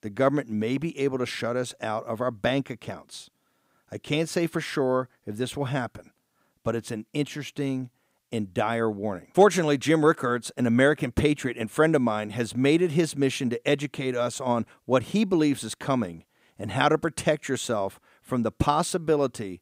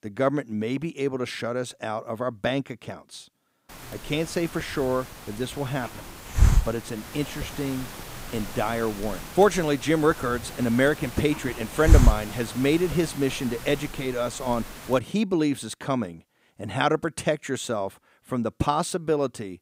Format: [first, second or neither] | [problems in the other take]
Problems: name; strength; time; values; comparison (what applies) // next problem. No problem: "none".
first | hiss; loud; from 3.5 to 15 s; 4 dB below the speech